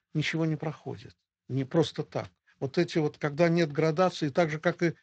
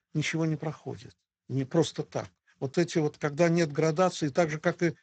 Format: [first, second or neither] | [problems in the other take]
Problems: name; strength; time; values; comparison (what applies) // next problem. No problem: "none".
first | garbled, watery; badly; nothing above 7.5 kHz; slightly in the first